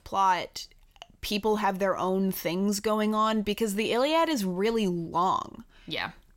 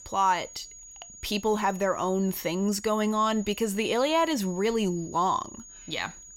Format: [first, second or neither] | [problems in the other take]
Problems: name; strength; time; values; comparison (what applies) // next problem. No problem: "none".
first | high-pitched whine; noticeable; throughout; 6.5 kHz, 15 dB below the speech